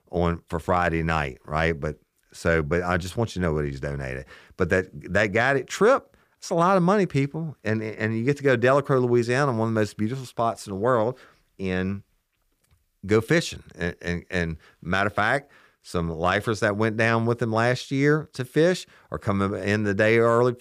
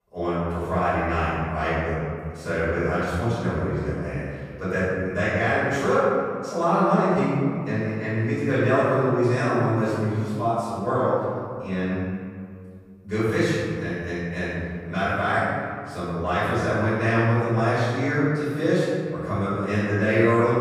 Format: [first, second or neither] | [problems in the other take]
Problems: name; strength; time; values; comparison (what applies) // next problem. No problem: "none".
first | room echo; strong; dies away in 2 s // off-mic speech; far